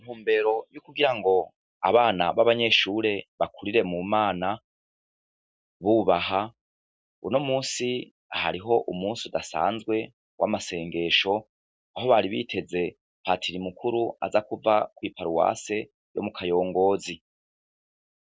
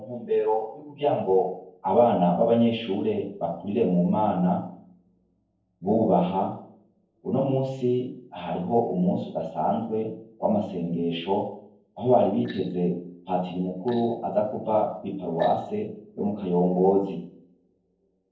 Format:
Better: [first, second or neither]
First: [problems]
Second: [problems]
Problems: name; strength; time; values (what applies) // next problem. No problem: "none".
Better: first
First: none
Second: noise reduction (neural separator model SepFormer DNS4)